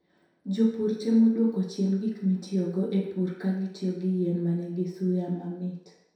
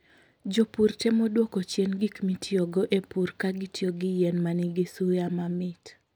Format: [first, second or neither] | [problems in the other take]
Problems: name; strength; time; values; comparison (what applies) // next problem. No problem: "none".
second | room echo; dies away in 0.7 s